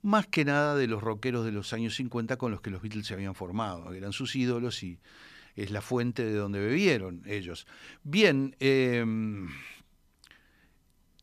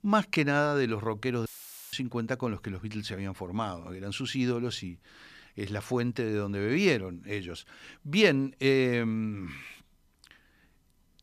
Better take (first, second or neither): first